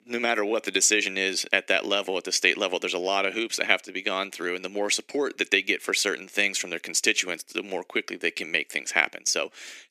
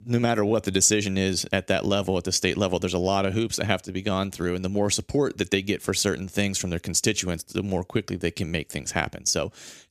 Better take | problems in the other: second | thin; somewhat; fading below 300 Hz

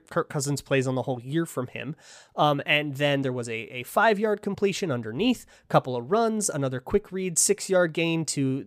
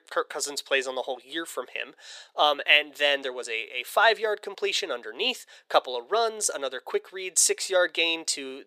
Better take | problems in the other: first | thin; very; fading below 400 Hz

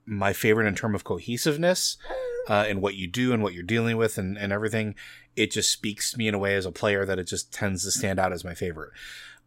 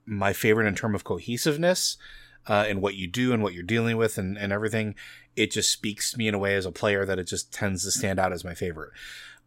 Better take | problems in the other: second | dog barking; noticeable; at 2 s; peak 6 dB below the speech

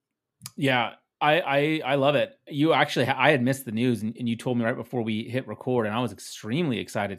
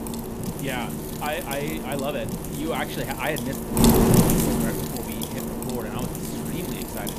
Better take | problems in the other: first | wind noise on the microphone; heavy; 3 dB above the speech

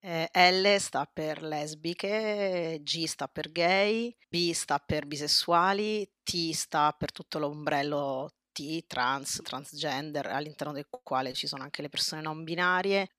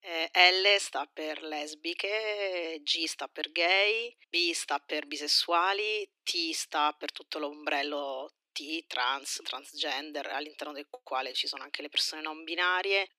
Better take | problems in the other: first | thin; somewhat; fading below 300 Hz

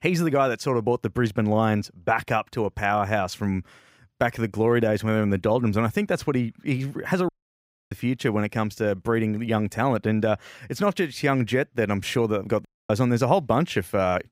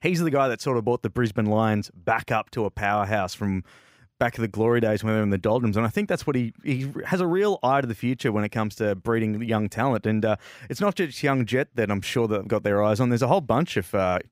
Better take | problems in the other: second | audio cutting out; at 7.5 s for 0.5 s and at 13 s

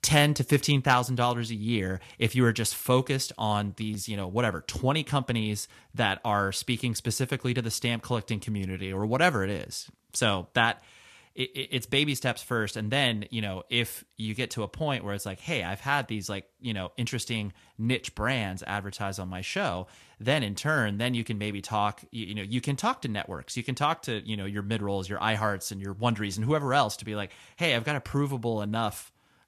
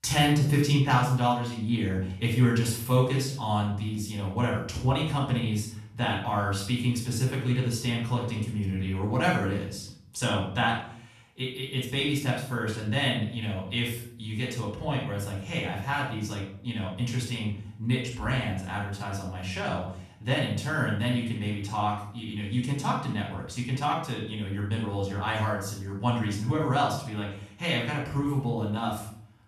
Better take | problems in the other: first | room echo; noticeable; dies away in 0.6 s // off-mic speech; far

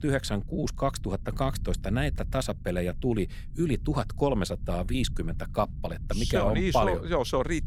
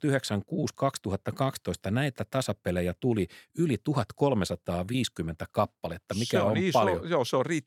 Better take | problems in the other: second | low rumble; faint; throughout; 25 dB below the speech

